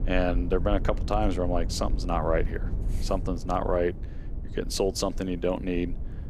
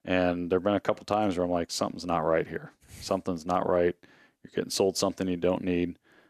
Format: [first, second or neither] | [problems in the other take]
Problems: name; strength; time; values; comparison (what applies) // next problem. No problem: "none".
second | low rumble; noticeable; throughout; 20 dB below the speech